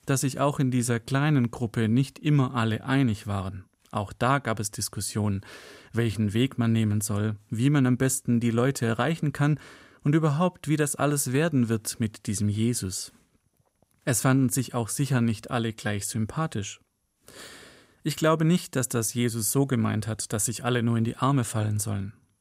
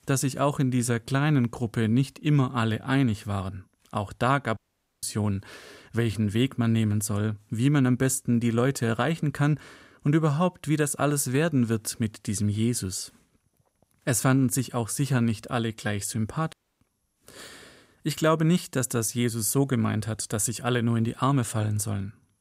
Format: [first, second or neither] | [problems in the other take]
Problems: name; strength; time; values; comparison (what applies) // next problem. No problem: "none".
first | audio cutting out; at 4.5 s and at 17 s